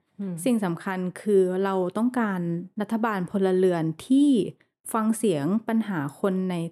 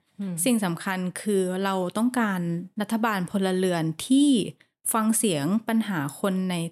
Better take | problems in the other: second | muffled; slightly; fading above 2 kHz

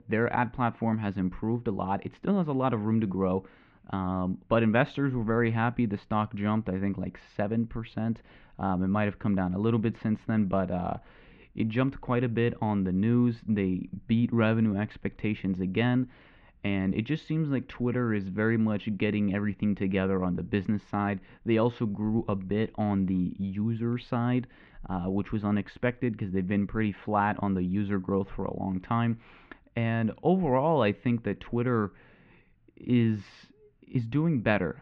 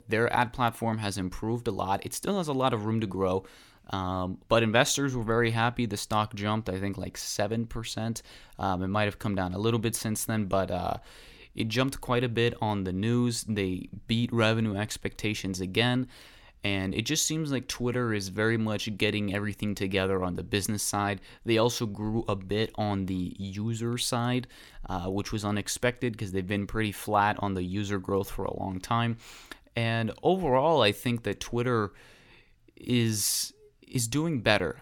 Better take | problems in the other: second | muffled; very; fading above 2.5 kHz

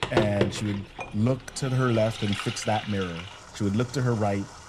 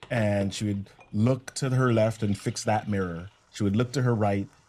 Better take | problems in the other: second | household noises; loud; throughout; 7 dB below the speech; faint in the second

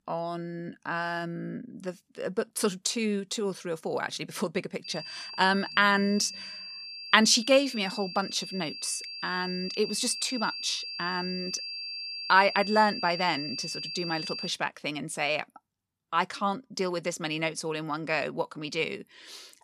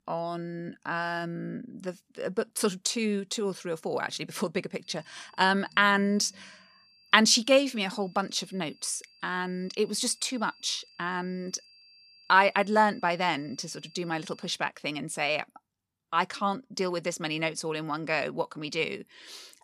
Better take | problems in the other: second | high-pitched whine; loud; from 5 to 14 s; 4.5 kHz, 7 dB below the speech; faint in the second

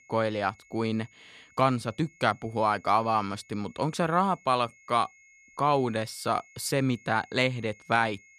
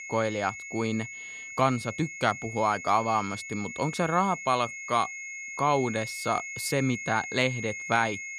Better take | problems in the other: first | high-pitched whine; loud; throughout; 2 kHz, 8 dB below the speech; faint in the first

